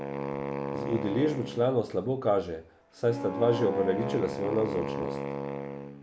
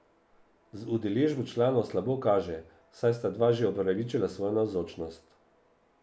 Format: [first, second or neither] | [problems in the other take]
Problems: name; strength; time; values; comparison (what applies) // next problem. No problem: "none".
second | background sound (Wind instrument, woodwind instrument); 5 dB below the speech